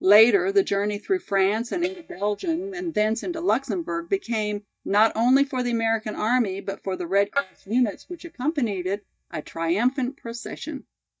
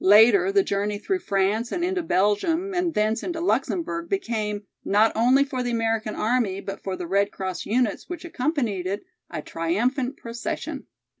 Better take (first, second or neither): second